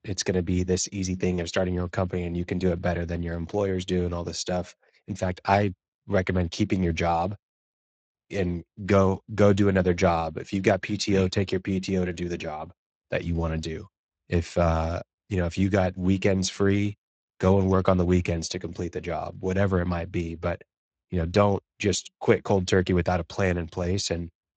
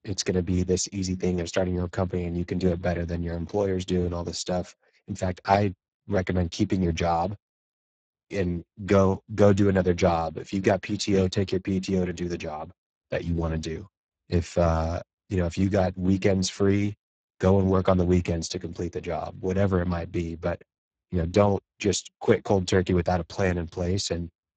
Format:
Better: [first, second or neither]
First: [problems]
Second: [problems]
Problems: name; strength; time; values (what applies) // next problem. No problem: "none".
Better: first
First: garbled, watery; slightly; nothing above 7.5 kHz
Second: garbled, watery; badly; nothing above 7.5 kHz